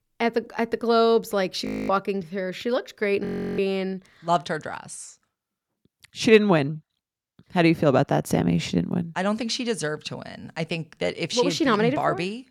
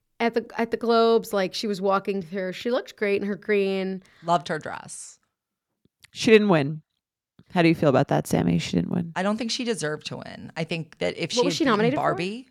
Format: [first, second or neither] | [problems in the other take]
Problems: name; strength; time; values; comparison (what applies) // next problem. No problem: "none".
second | audio freezing; at 1.5 s and at 3.5 s